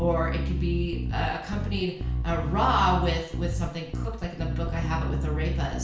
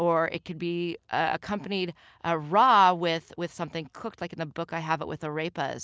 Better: second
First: background sound (Bass guitar); as loud as the speech // room echo; dies away in 0.5 s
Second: none

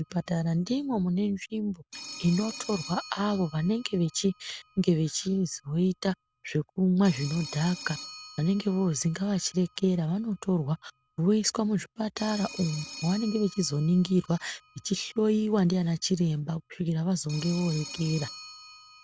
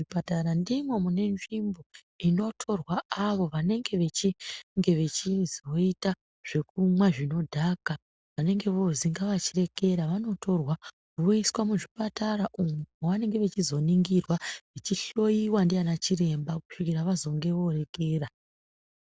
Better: second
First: background sound (Telephone); 18 dB below the speech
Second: none

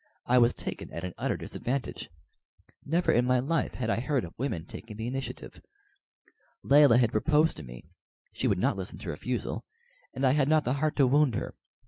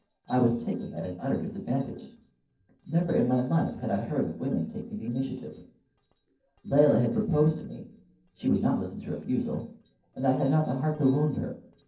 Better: first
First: none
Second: noise reduction (neural separator model SepFormer DNS4)

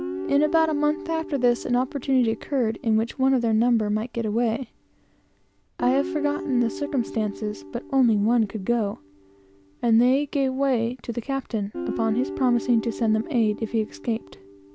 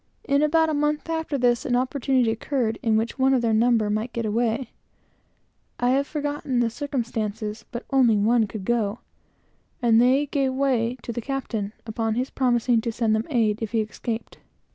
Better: second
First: background sound (Guitar); 12 dB below the speech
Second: none

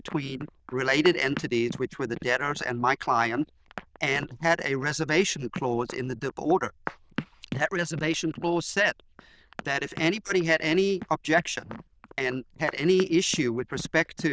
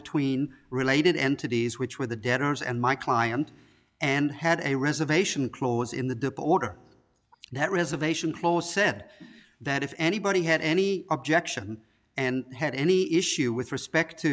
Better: second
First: noise reduction (neural diffusion model UNIVERSE++)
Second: none

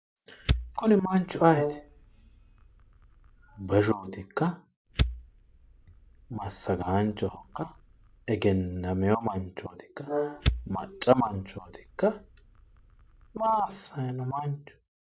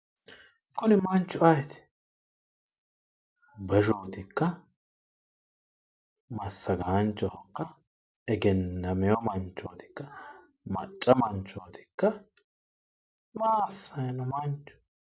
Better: second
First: background sound (Brass instrument + Fire); 6 dB below the speech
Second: none

